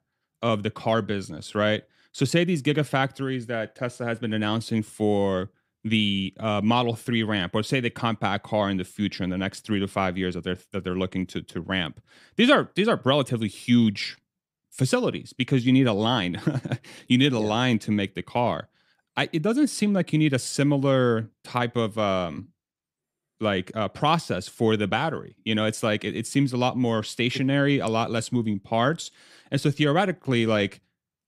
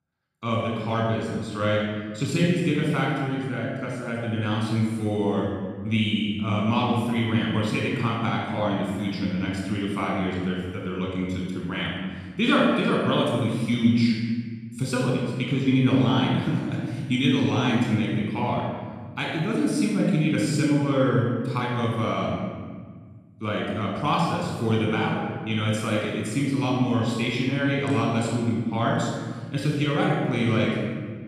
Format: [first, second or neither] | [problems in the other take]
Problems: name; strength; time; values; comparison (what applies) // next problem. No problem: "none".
first | room echo; strong; dies away in 1.7 s // off-mic speech; far